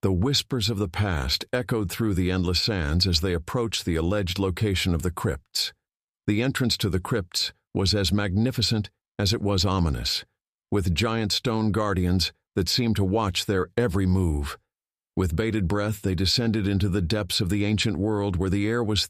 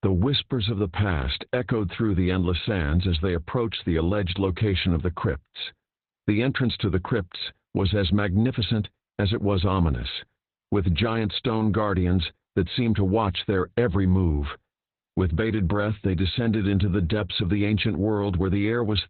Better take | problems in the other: first | garbled, watery; badly; nothing above 4 kHz

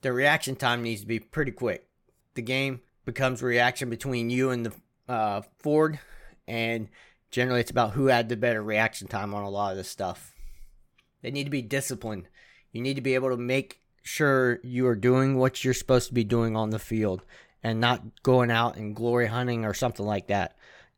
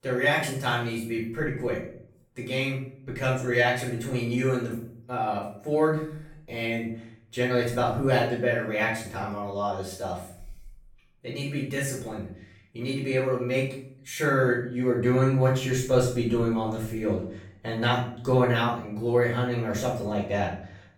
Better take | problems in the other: first | off-mic speech; far // room echo; noticeable; dies away in 0.5 s

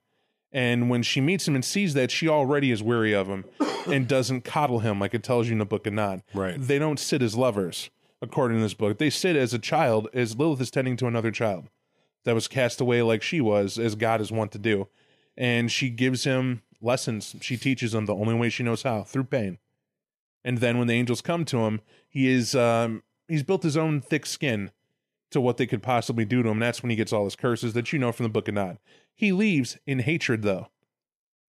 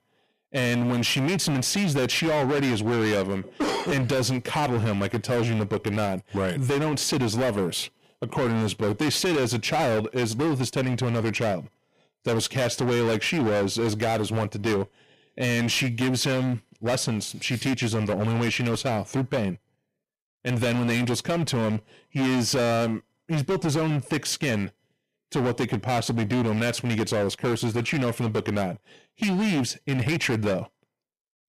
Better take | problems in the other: first | distortion; heavy; 24% of the sound clipped

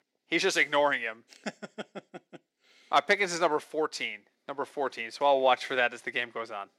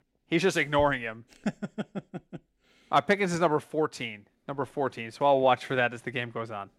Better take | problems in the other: second | thin; somewhat; fading below 350 Hz

